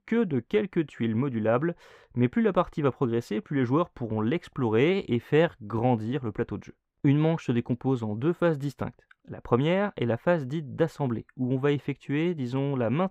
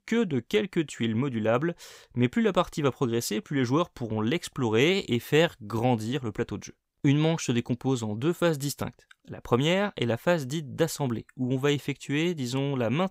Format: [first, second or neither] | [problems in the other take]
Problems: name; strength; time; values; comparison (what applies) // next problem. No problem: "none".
second | muffled; very; fading above 3.5 kHz